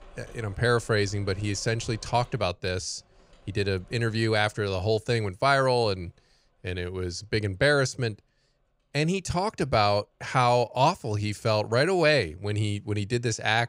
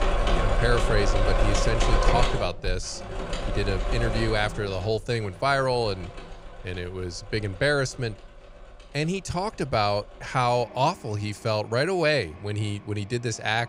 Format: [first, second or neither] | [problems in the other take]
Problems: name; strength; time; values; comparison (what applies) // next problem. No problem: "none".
first | machinery noise; loud; throughout; 1 dB below the speech; faint in the first